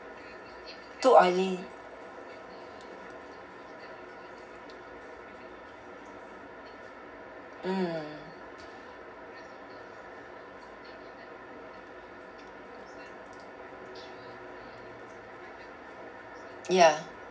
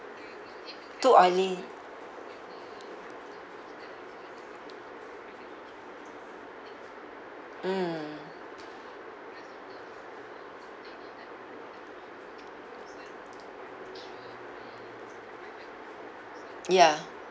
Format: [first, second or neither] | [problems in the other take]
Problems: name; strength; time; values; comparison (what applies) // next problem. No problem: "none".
second | room echo; dies away in 0.4 s